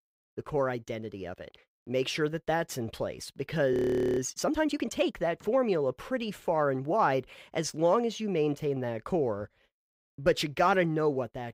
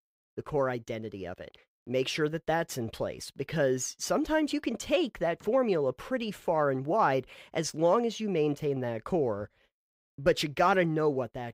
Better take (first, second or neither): second